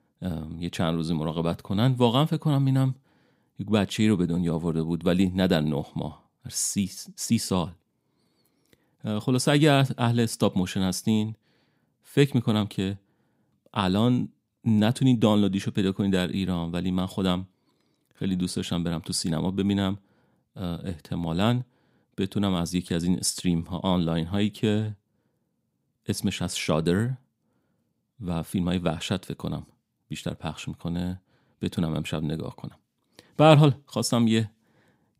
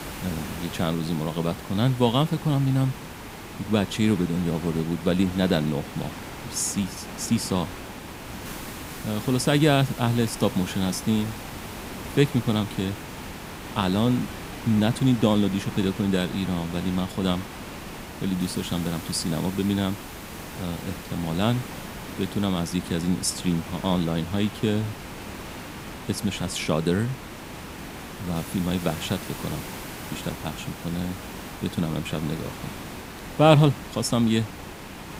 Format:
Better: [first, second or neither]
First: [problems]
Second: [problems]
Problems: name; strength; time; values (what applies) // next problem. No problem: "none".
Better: first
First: none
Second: hiss; noticeable; throughout; 10 dB below the speech